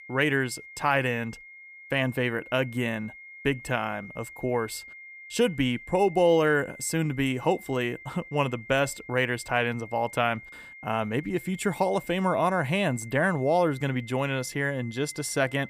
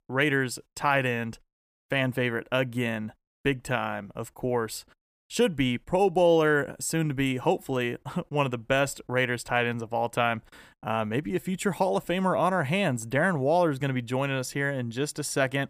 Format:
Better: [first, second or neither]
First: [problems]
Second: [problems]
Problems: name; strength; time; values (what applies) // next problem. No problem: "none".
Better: second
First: high-pitched whine; noticeable; throughout; 2 kHz, 15 dB below the speech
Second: none